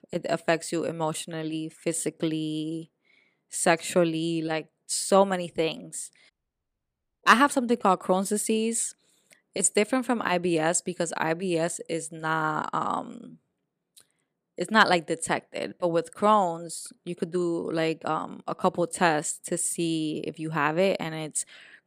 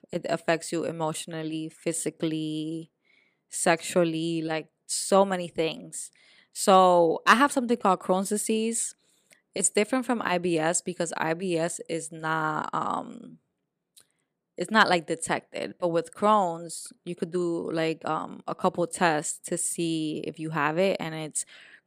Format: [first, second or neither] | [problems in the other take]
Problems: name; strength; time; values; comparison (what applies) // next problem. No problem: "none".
second | audio cutting out; at 6.5 s for 1 s